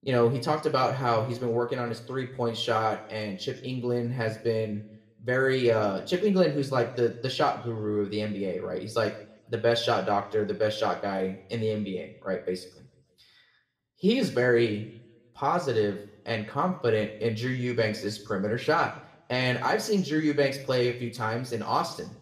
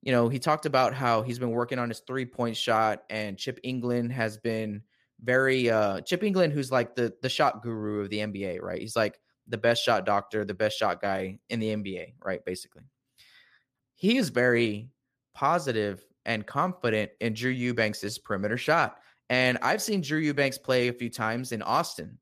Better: second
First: room echo; very slight; dies away in 0.7 s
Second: none

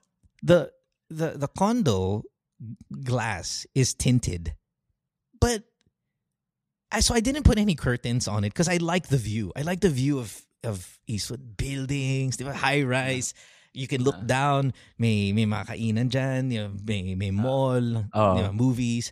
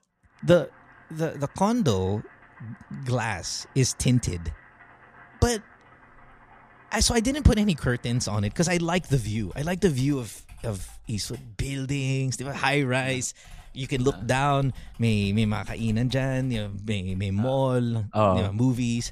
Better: first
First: none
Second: household noises; faint; throughout; 25 dB below the speech

